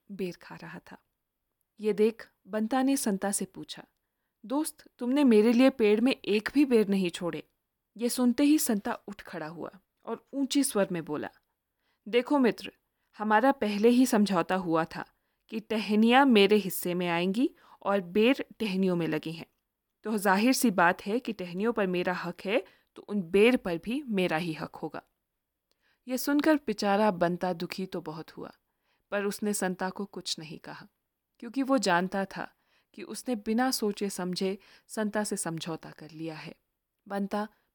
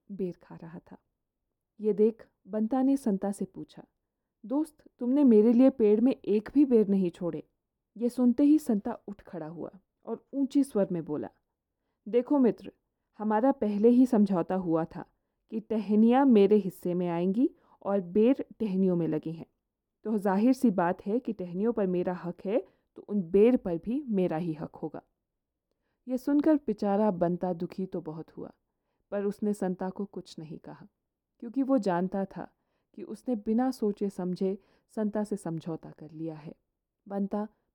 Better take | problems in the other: first | muffled; slightly; fading above 1 kHz

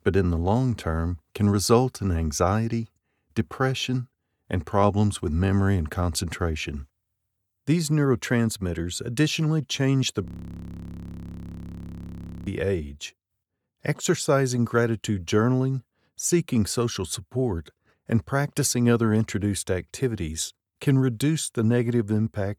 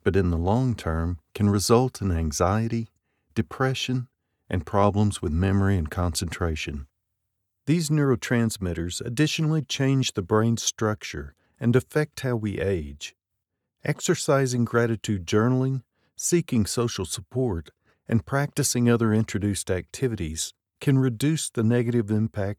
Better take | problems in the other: second | audio freezing; at 10 s for 2 s

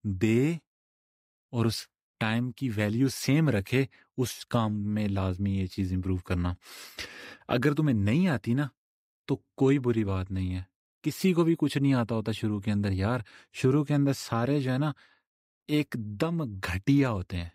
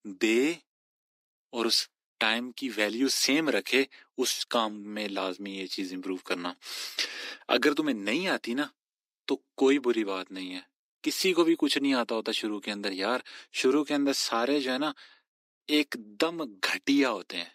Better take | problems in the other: first | thin; somewhat; fading below 300 Hz

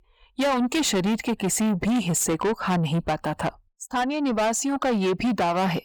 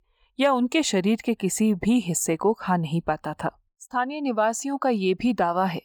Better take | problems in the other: second | distortion; heavy; 7 dB below the speech

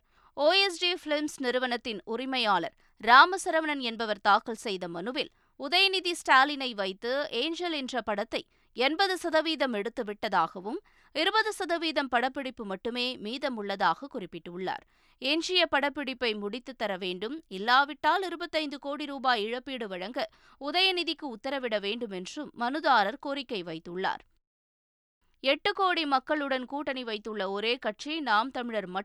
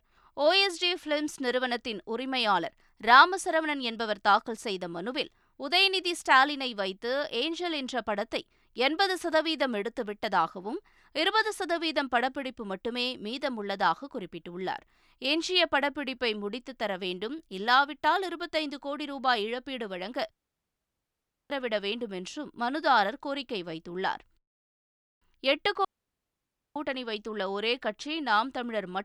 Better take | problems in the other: first | audio cutting out; at 20 s for 1 s and at 26 s for 1 s

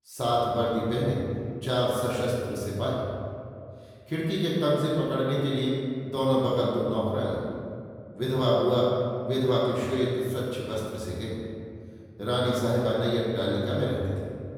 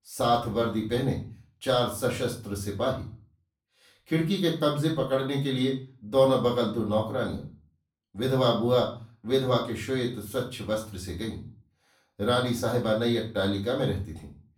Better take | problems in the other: second | room echo; strong; dies away in 2.1 s; slight in the second // off-mic speech; far; far in the second

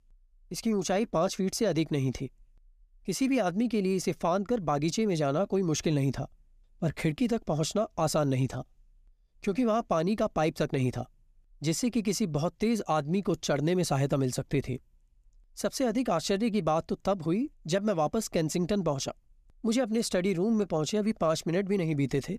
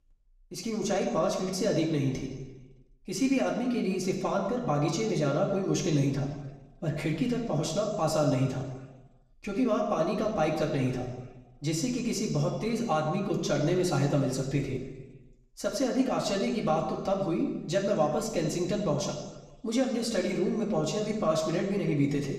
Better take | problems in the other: first | room echo; noticeable; dies away in 1.1 s // off-mic speech; somewhat distant

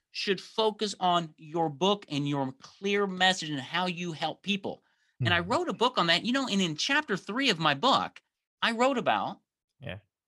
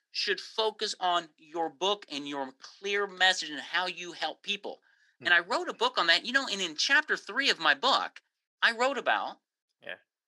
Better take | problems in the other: first | thin; somewhat; fading below 350 Hz

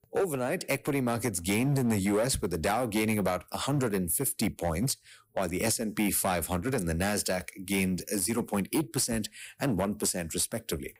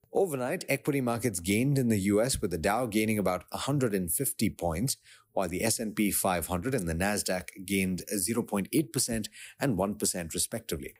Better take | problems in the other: second | distortion; slight; 8% of the sound clipped

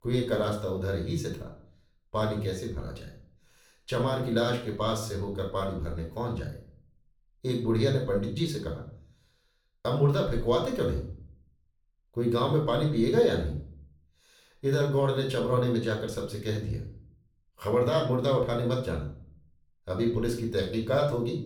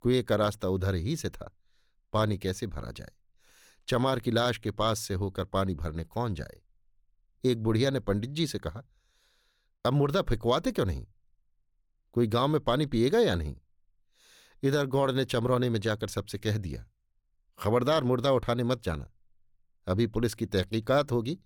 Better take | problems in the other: second | room echo; slight; dies away in 0.4 s // off-mic speech; somewhat distant

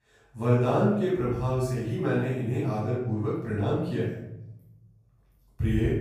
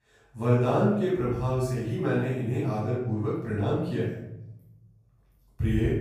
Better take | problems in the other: neither | off-mic speech; far; the same in both // room echo; noticeable; dies away in 0.9 s; the same in both

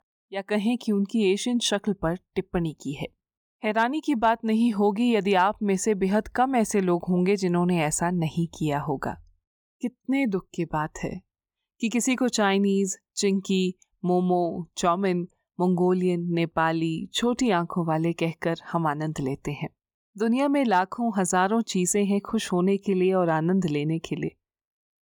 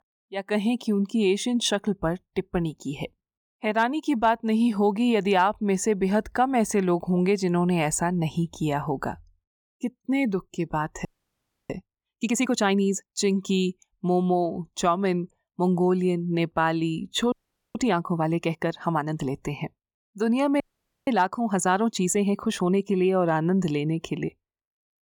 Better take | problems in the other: first | audio freezing; at 11 s for 0.5 s, at 17 s and at 21 s

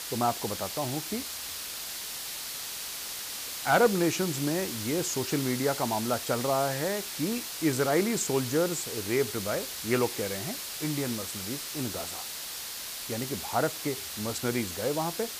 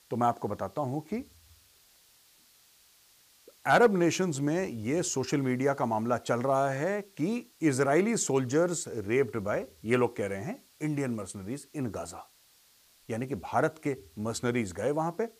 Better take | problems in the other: second | hiss; loud; throughout; 4 dB below the speech; faint in the second

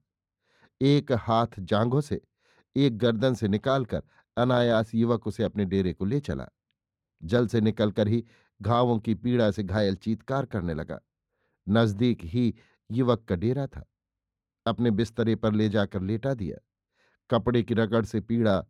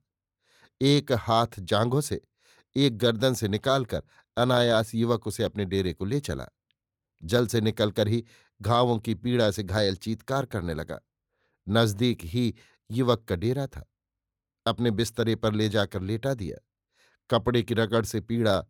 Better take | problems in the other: second | muffled; very slightly; fading above 2 kHz

